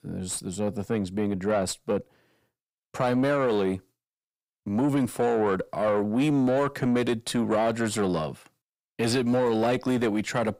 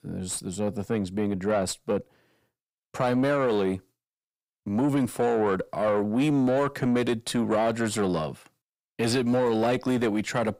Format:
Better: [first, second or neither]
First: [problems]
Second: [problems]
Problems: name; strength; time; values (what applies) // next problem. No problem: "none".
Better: neither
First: distortion; slight; 10 dB below the speech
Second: distortion; slight; 10 dB below the speech